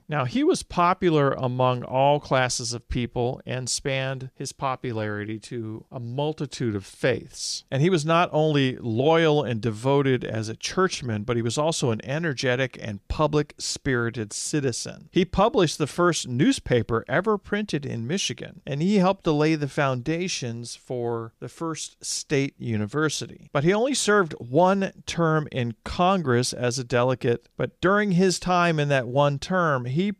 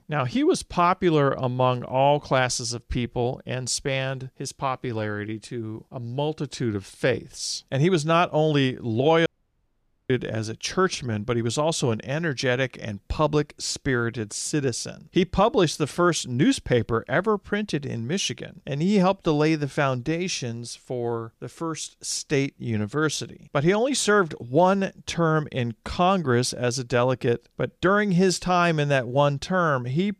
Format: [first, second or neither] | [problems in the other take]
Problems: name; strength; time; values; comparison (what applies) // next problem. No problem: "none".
first | audio cutting out; at 9.5 s for 1 s